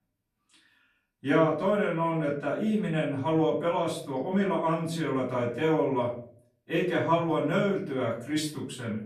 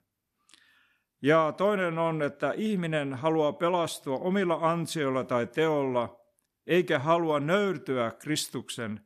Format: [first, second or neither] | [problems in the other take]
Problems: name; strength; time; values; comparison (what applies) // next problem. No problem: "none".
second | off-mic speech; far // room echo; slight; dies away in 0.5 s